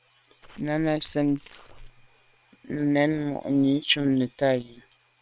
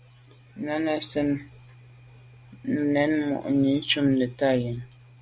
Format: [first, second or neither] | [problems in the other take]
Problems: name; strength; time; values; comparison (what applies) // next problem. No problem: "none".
second | noise reduction (neural separator model SepFormer WHAM!)